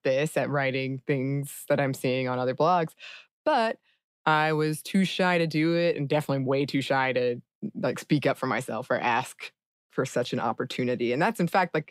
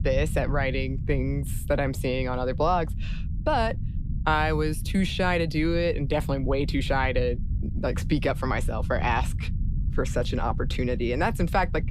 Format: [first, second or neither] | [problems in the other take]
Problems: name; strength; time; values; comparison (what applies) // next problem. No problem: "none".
first | low rumble; noticeable; throughout; 20 dB below the speech